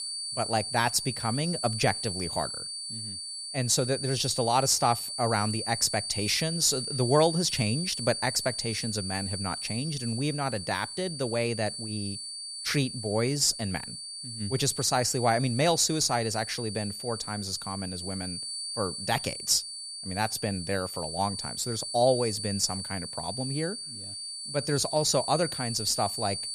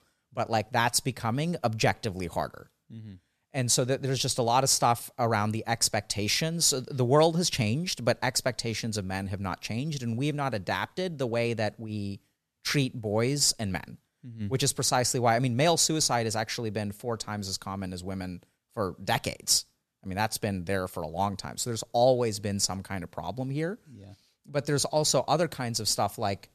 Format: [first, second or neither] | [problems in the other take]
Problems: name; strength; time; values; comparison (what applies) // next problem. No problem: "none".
second | high-pitched whine; loud; throughout; 4.5 kHz, 6 dB below the speech